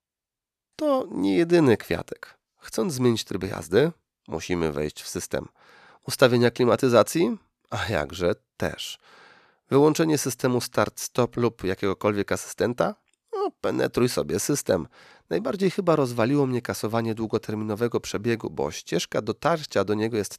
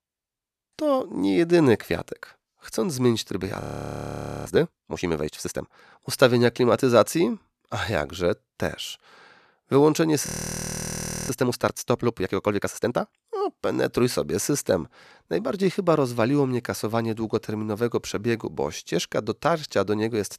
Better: first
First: none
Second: audio freezing; at 3.5 s for 1 s and at 10 s for 1 s

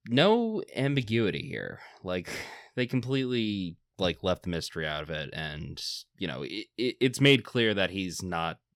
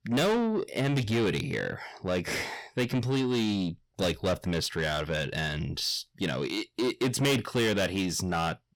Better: first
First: none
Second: distortion; heavy; 5 dB below the speech

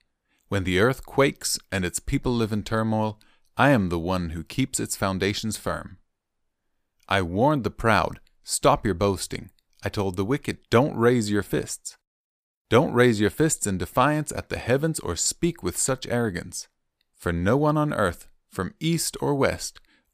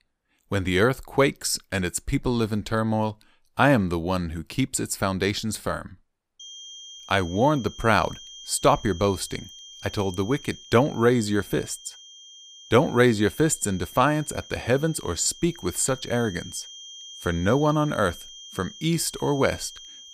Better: first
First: none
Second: high-pitched whine; noticeable; from 6.5 s on; 3 kHz, 15 dB below the speech

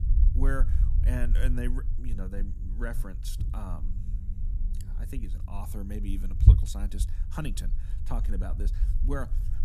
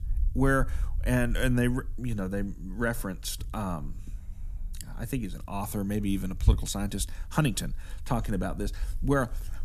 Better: second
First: low rumble; loud; throughout; 7 dB below the speech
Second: low rumble; faint; throughout; 25 dB below the speech

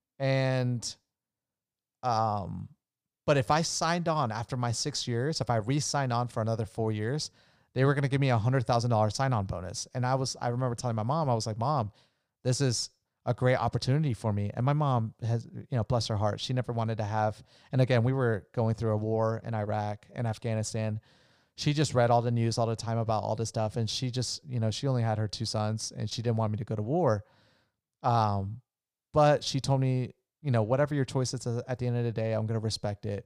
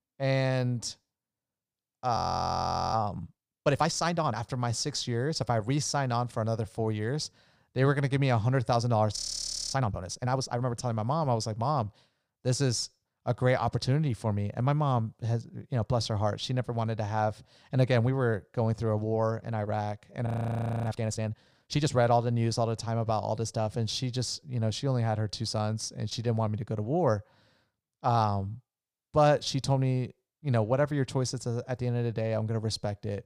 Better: first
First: none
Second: audio freezing; at 2 s for 1 s, at 9 s for 0.5 s and at 20 s for 0.5 s

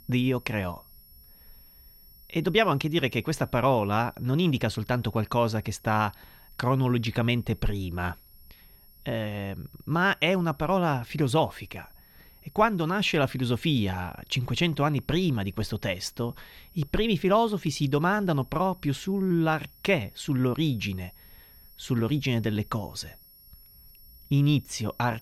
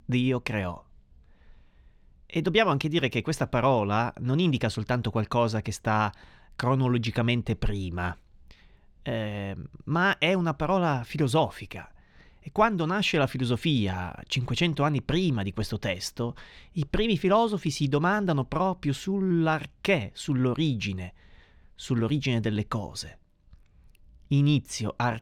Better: second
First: high-pitched whine; faint; throughout; 11.5 kHz, 25 dB below the speech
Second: none

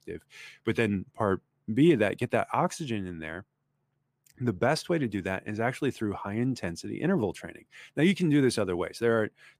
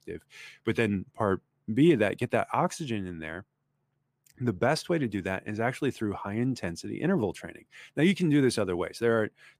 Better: neither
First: none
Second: none

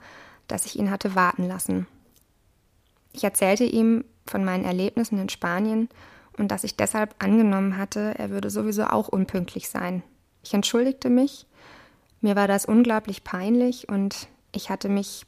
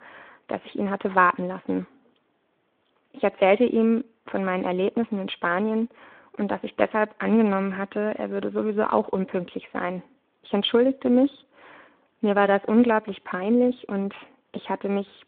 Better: first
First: none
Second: phone-call audio; nothing above 3 kHz

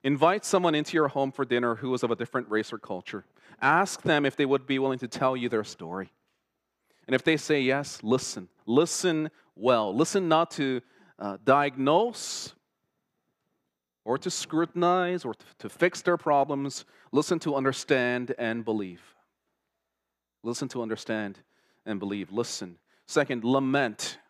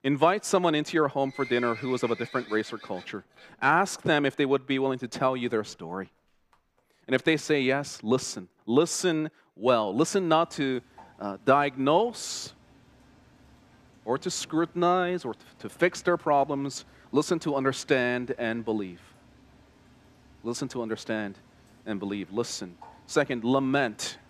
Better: first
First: none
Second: animal sounds; faint; throughout; 25 dB below the speech

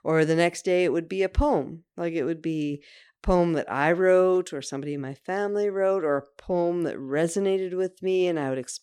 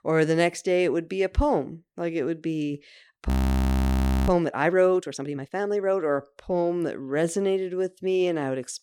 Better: first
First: none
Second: audio freezing; at 3.5 s for 1 s

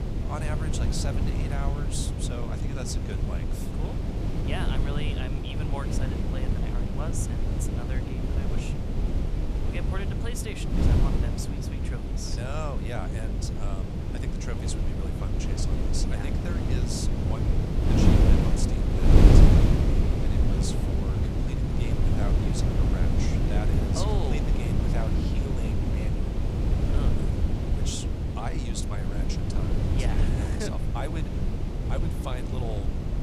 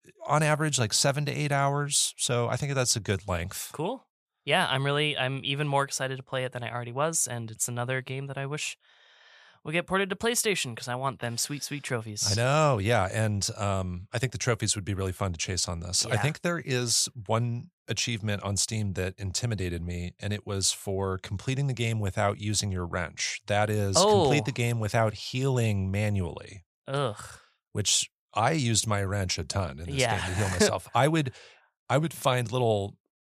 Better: second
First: wind noise on the microphone; heavy; 3 dB above the speech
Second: none

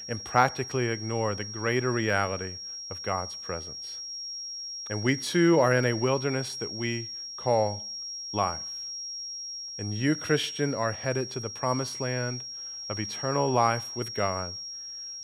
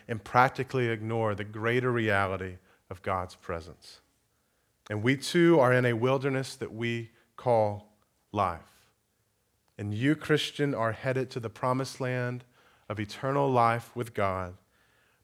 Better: second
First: high-pitched whine; loud; throughout; 5.5 kHz, 7 dB below the speech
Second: none

